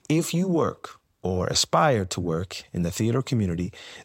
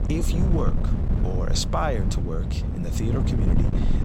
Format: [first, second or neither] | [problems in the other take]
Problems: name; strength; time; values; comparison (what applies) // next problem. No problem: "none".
first | wind noise on the microphone; heavy; 5 dB below the speech